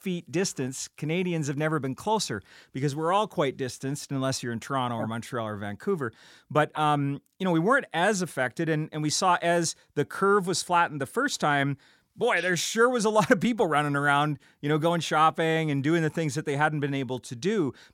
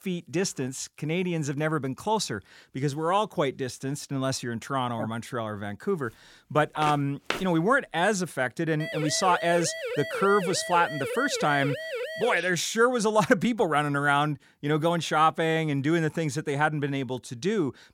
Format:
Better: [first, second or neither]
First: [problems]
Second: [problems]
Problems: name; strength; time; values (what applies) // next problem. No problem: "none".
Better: first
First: none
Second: footsteps; noticeable; at 7 s; peak 6 dB below the speech // siren; noticeable; from 9 to 12 s; peak 6 dB below the speech